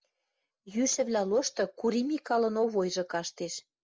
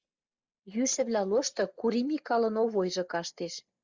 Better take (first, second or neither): first